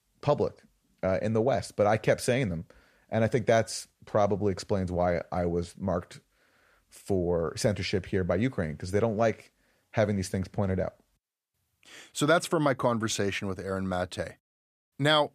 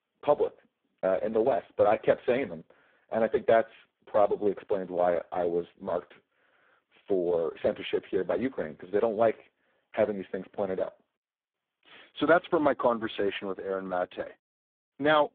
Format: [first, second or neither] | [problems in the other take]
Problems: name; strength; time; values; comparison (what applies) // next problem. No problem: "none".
first | phone-call audio; poor line